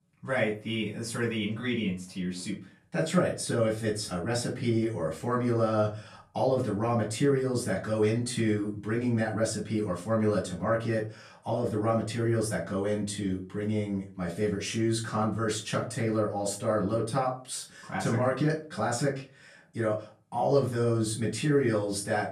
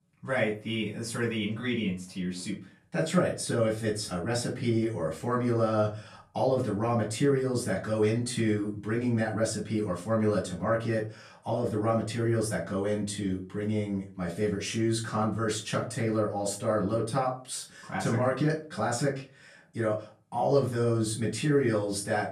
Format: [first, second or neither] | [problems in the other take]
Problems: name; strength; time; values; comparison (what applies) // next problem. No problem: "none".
neither | room echo; slight; dies away in 0.3 s; the same in both // off-mic speech; far; the same in both